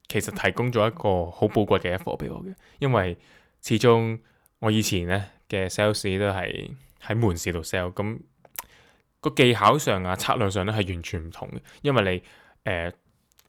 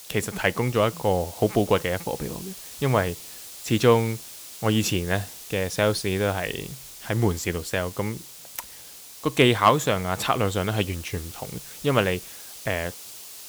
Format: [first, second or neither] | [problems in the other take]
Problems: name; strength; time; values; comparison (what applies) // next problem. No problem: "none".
first | hiss; noticeable; throughout; 15 dB below the speech